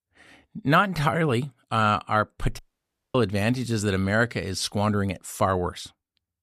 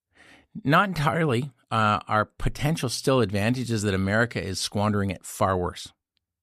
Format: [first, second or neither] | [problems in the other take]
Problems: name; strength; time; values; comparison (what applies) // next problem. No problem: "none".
second | audio cutting out; at 2.5 s for 0.5 s